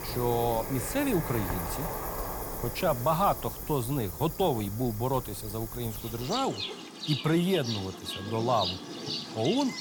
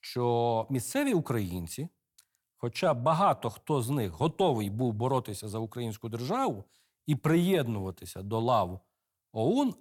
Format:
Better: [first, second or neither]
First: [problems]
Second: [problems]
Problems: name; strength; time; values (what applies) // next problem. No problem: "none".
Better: second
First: animal sounds; loud; throughout; 6 dB below the speech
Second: none